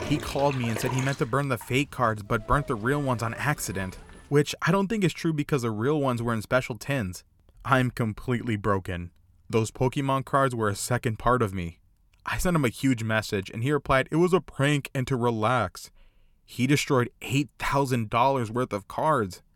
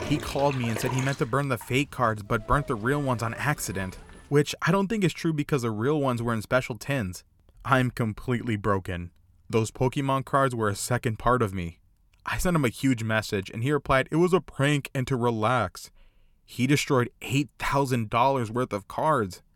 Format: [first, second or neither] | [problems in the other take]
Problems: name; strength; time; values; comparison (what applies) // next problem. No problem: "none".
neither | household noises; noticeable; until 4.5 s; 15 dB below the speech; the same in both